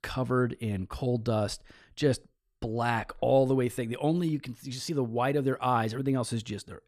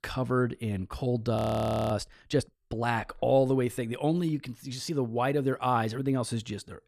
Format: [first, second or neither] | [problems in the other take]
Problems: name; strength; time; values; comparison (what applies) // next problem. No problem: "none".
first | audio freezing; at 1.5 s for 0.5 s